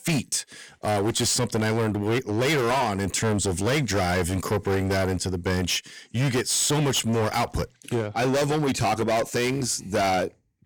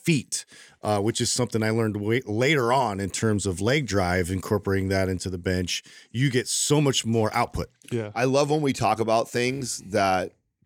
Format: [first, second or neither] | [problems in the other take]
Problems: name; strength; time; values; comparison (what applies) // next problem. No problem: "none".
second | distortion; heavy; 22% of the sound clipped